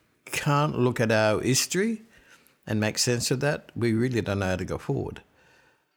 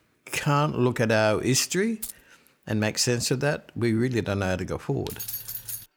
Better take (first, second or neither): first